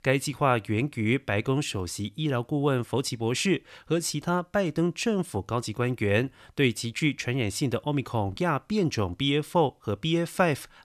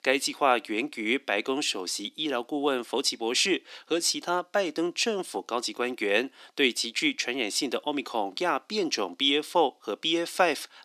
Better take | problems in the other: first | thin; somewhat; fading below 250 Hz

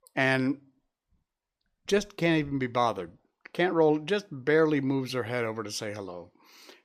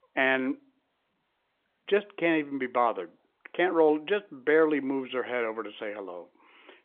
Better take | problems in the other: first | phone-call audio; nothing above 3.5 kHz

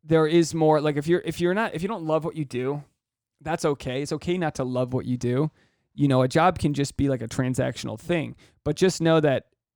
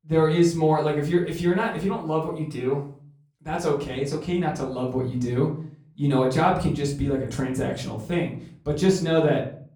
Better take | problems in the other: first | off-mic speech; far // room echo; slight; dies away in 0.4 s

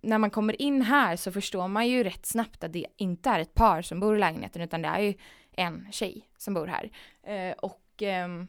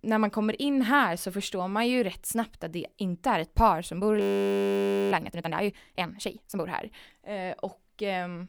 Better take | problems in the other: first | audio freezing; at 4 s for 1 s

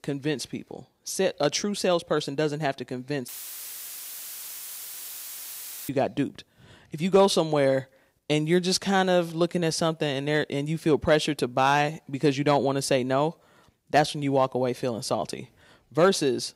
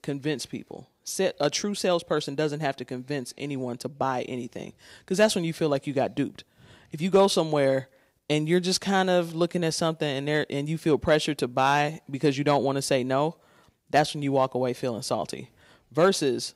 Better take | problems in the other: second | audio cutting out; filled with static; at 3.5 s for 2.5 s

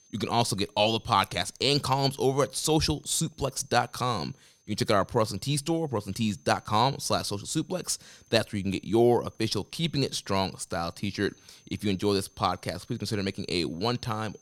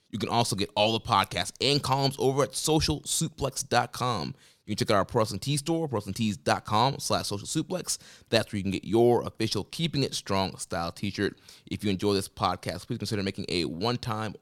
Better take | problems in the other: second | high-pitched whine; faint; throughout; 6.5 kHz, 35 dB below the speech

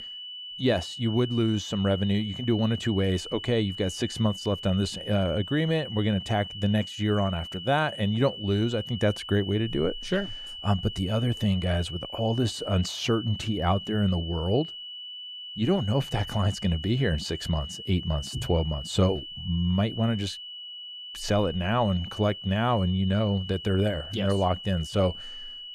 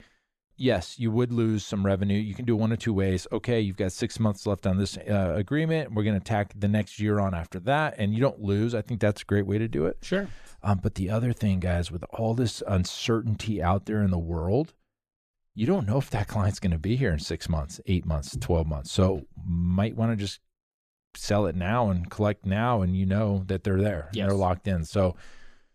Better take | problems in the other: second | high-pitched whine; loud; throughout; 3 kHz, 10 dB below the speech

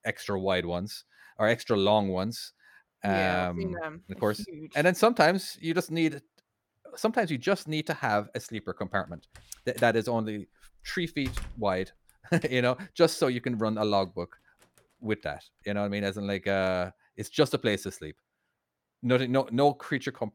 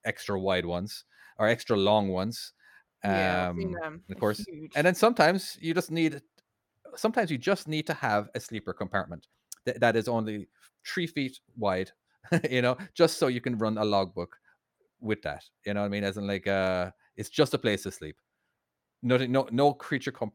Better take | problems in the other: second | door banging; faint; from 9.5 to 12 s; peak 10 dB below the speech

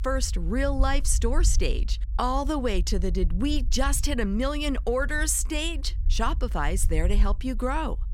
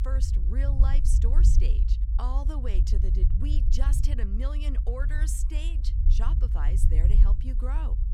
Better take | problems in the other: first | low rumble; loud; throughout; 5 dB below the speech; faint in the first

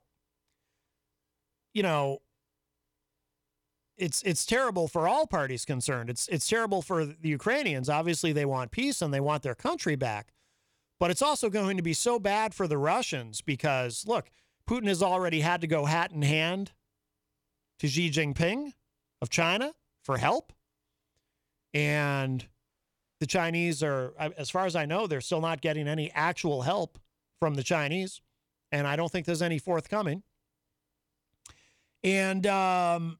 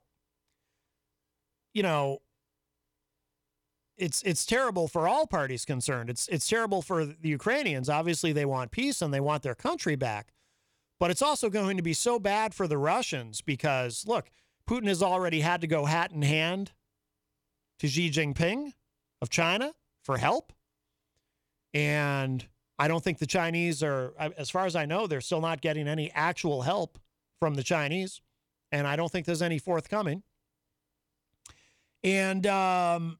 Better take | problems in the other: second | audio cutting out; at 23 s for 0.5 s

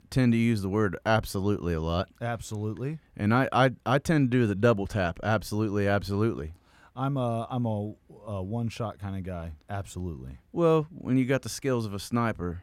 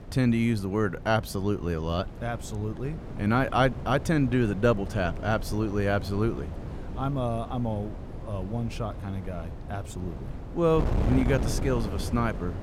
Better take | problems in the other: first | wind noise on the microphone; occasional gusts; 15 dB below the speech

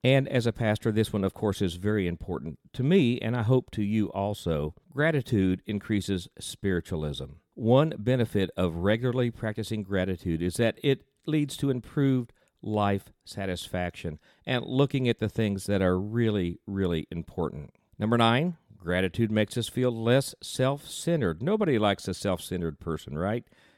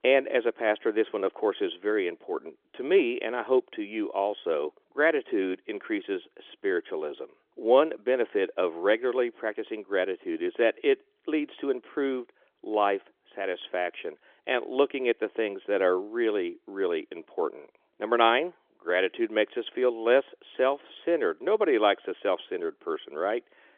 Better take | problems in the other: first | phone-call audio; nothing above 3.5 kHz

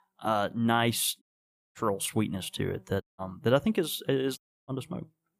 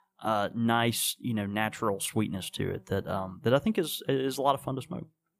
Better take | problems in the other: second | audio cutting out; at 1 s for 0.5 s, at 3 s and at 4.5 s

